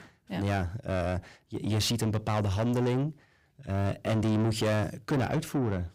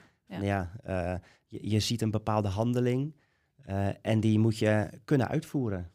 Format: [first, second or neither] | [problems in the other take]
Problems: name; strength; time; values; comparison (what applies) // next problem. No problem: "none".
second | distortion; heavy; 7 dB below the speech